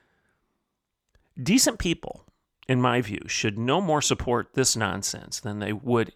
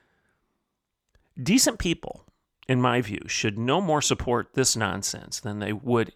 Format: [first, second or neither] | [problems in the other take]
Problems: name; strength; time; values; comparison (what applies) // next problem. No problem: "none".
neither | none